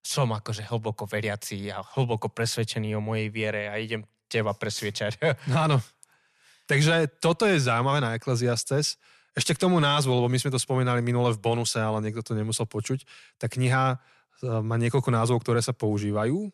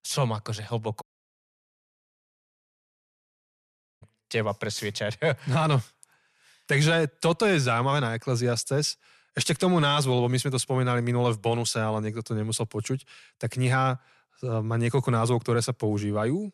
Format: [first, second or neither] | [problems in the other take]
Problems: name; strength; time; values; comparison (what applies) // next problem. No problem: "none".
first | audio cutting out; at 1 s for 3 s